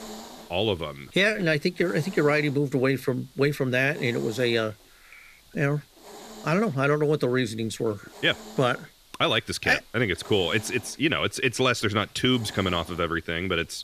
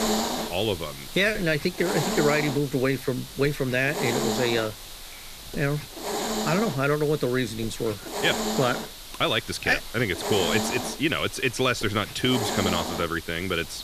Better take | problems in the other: first | hiss; loud; throughout; 6 dB below the speech; faint in the first

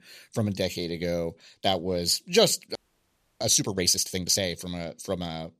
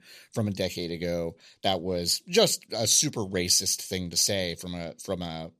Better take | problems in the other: second | audio freezing; at 3 s for 0.5 s

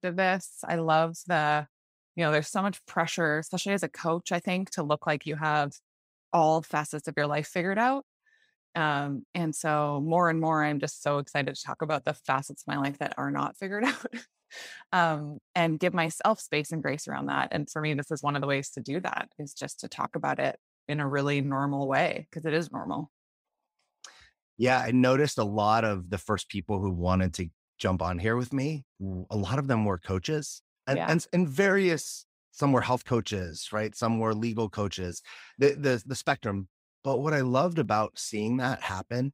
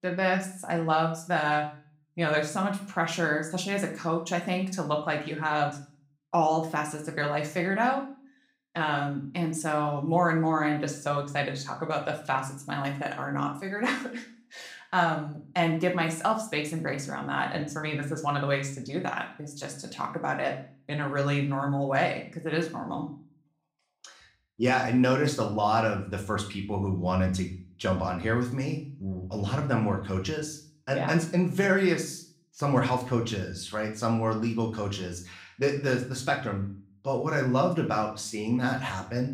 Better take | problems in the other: first | room echo; slight; dies away in 0.4 s // off-mic speech; somewhat distant

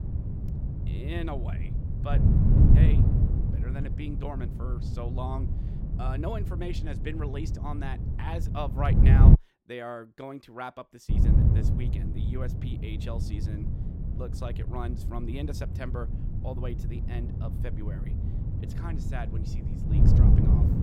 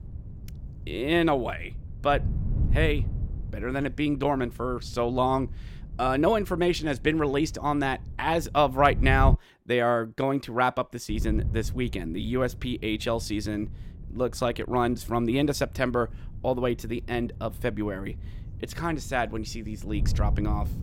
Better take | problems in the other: second | wind noise on the microphone; heavy; until 9.5 s and from 11 s on; as loud as the speech; occasional gusts in the second

